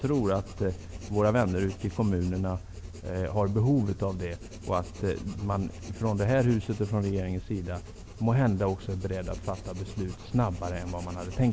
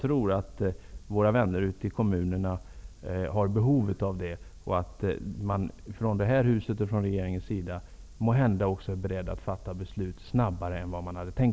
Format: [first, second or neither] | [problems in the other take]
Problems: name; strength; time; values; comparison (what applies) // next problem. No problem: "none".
second | background sound (Writing + Idling / Engine starting / Accelerating, revving, vroom / Car); 14 dB below the speech